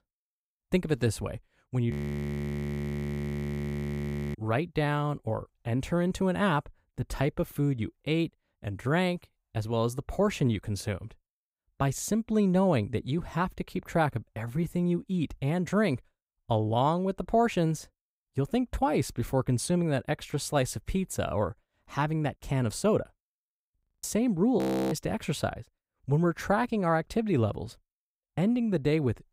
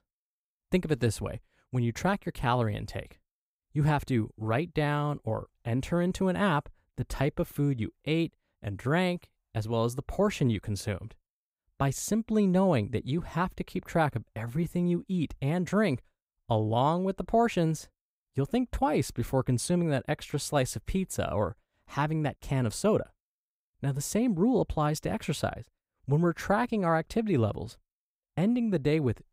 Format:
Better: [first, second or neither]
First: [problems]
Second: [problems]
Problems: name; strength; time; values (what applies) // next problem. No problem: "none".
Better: second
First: audio freezing; at 2 s for 2.5 s, at 24 s and at 25 s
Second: none